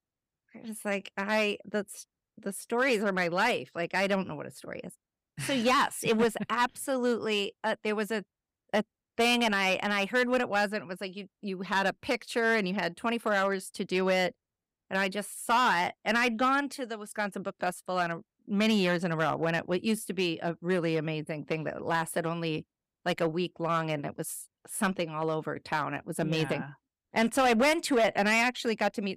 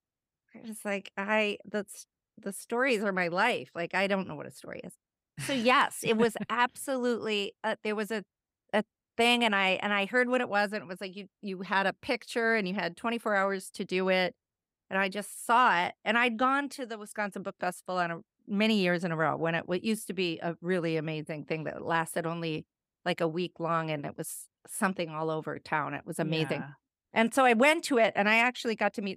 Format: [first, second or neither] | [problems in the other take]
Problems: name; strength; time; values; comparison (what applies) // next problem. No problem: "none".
second | distortion; slight; 3% of the sound clipped